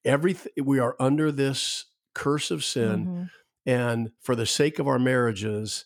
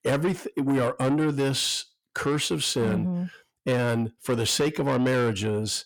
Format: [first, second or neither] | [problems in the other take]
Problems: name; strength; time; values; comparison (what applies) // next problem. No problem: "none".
first | distortion; slight; 10 dB below the speech